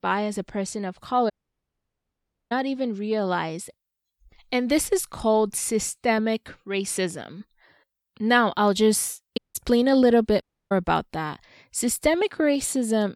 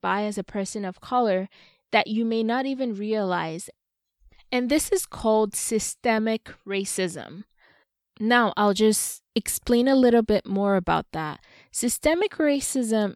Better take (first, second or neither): second